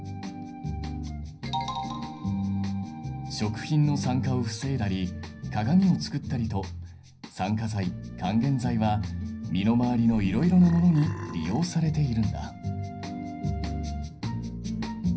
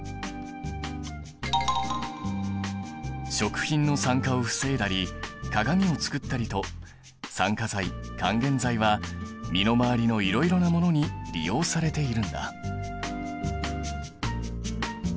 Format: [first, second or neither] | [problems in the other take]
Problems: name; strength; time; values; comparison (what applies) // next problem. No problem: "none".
second | background sound (Burping, eructation); 13 dB below the speech // room echo; dies away in 0.5 s